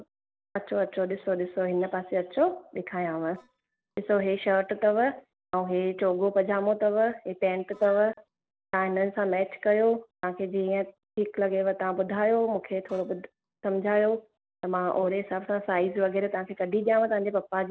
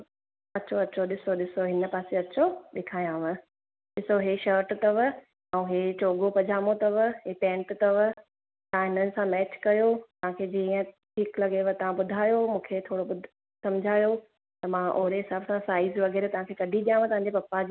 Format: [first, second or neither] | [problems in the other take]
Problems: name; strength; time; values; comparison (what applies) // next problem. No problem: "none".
second | noise reduction (neural separator model SepFormer DNS4)